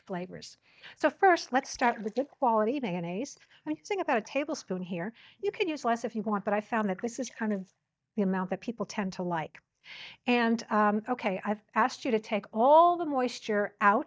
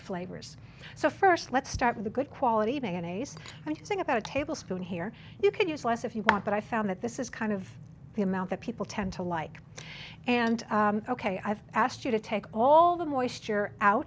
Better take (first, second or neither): second